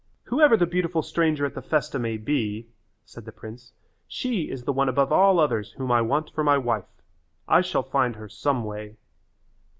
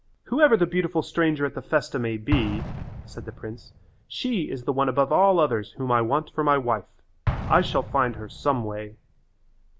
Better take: first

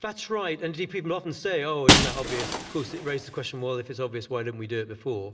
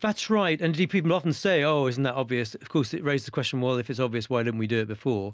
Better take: second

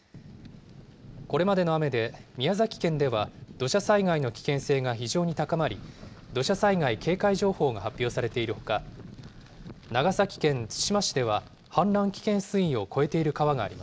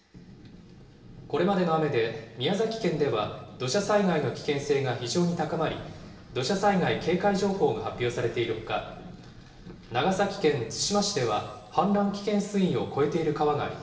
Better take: first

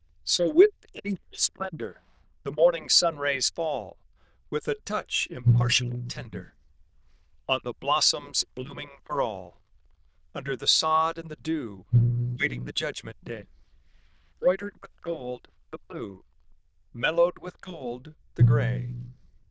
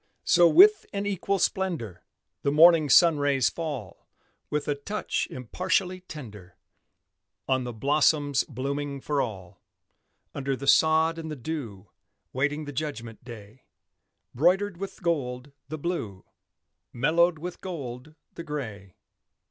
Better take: second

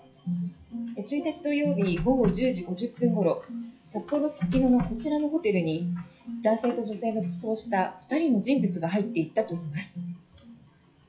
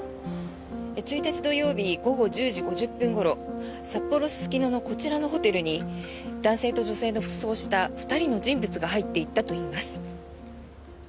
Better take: second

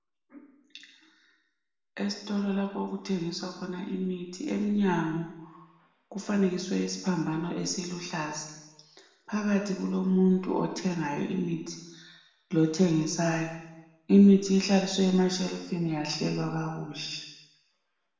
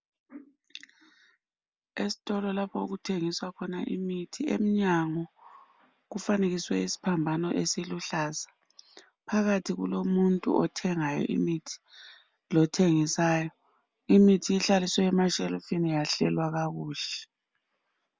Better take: second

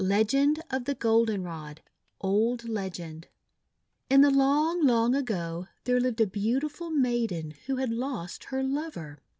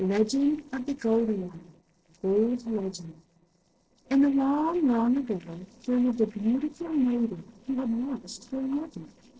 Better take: first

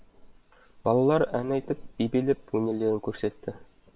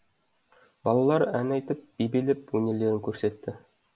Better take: second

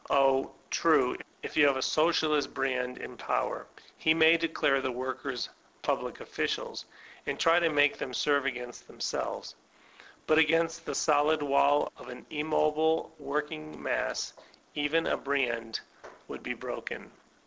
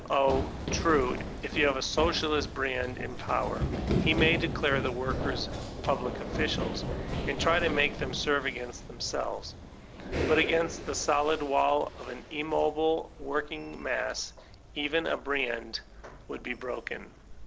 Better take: first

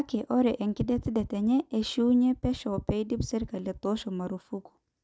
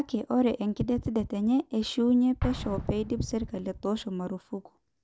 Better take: first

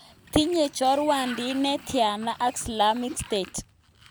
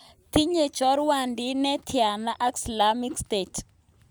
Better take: second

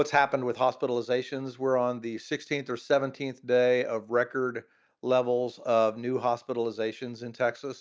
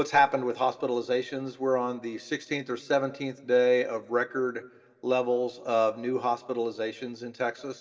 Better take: first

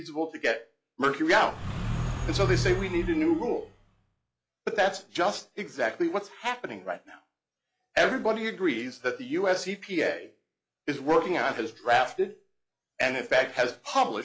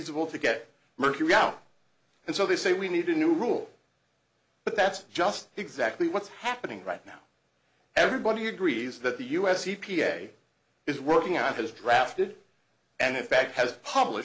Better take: second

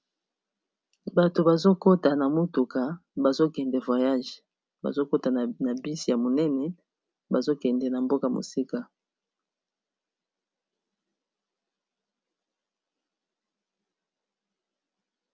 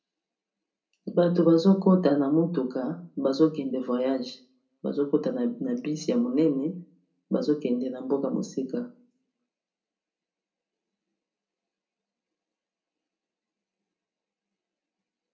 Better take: first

